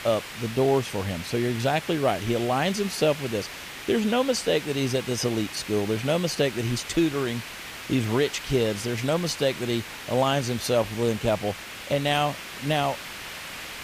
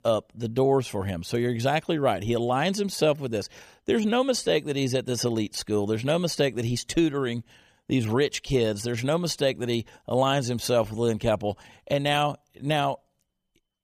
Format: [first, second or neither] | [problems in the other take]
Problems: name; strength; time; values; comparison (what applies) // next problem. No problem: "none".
second | hiss; noticeable; throughout; 10 dB below the speech